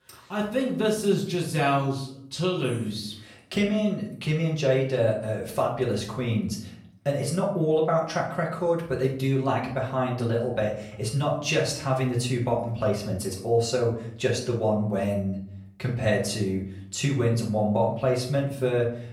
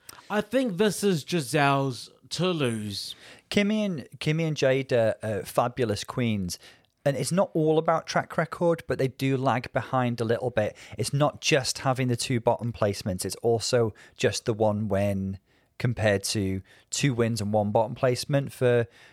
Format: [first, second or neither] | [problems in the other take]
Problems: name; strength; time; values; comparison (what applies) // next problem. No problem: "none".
second | off-mic speech; far // room echo; slight; dies away in 0.5 s